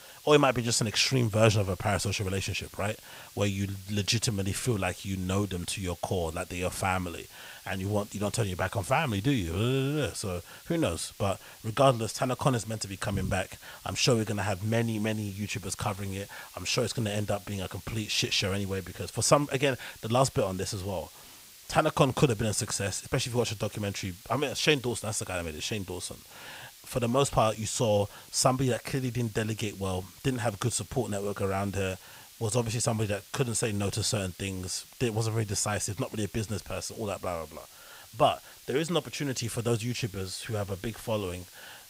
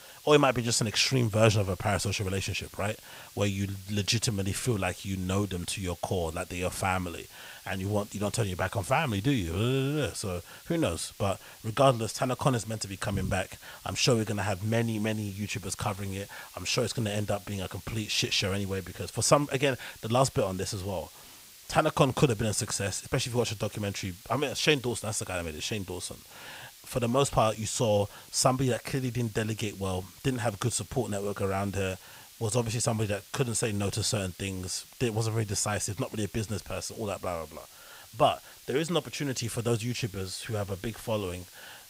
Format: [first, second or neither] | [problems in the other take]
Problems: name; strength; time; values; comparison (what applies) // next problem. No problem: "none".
neither | hiss; noticeable; throughout; 20 dB below the speech; the same in both